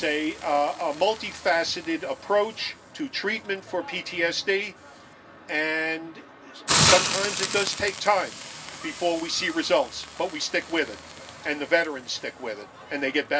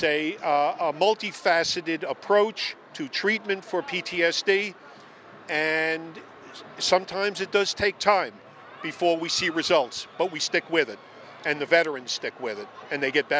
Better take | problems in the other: second | background sound (Hiss); 6 dB below the speech // room echo; dies away in 0.1 s

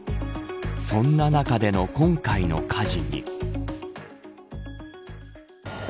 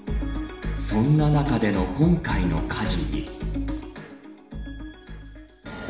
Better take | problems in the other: first | room echo; dies away in 0.7 s

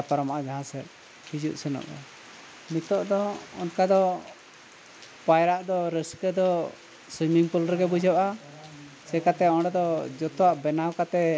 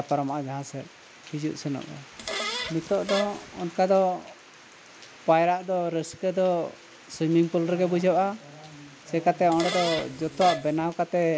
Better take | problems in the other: first | background sound (Fart); 7 dB below the speech

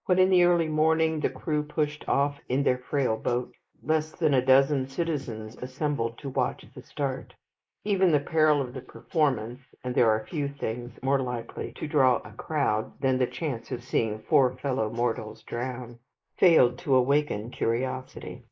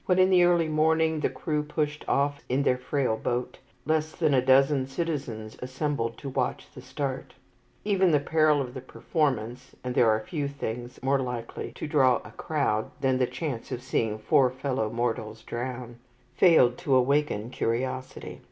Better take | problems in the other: second | noise reduction (neural mask model Resemble Enhance denoiser)

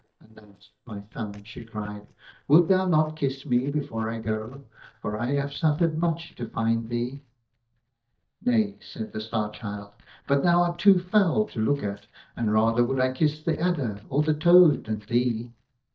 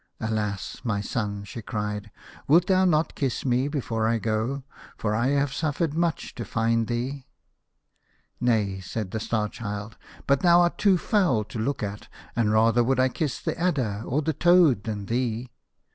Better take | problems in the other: second | noise reduction (neural mask model DeepFilterNet 3)

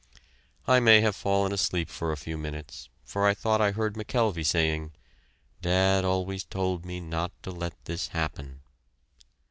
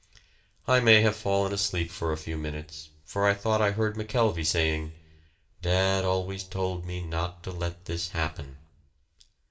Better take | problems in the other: first | room echo; dies away in 0.5 s

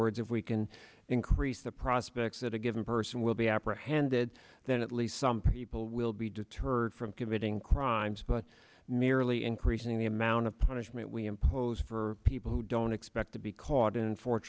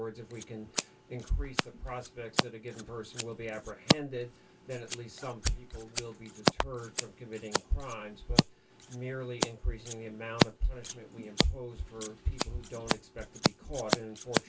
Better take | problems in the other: first | background sound (Scissors); 3 dB above the speech // room echo; dies away in 0.2 s

